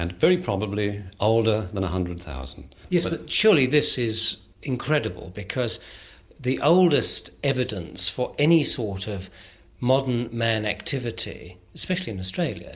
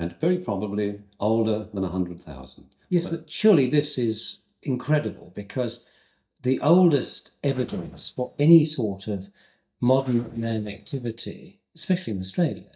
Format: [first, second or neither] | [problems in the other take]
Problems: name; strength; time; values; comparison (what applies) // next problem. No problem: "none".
first | noise reduction (neural mask model DeepFilterNet 3)